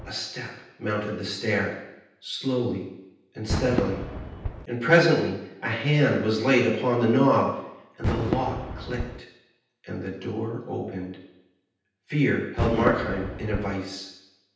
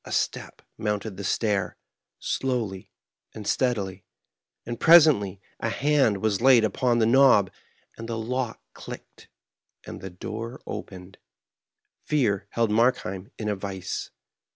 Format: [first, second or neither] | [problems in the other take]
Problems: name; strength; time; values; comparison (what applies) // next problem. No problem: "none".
second | background sound (Fireworks); 9 dB below the speech // room echo; dies away in 0.9 s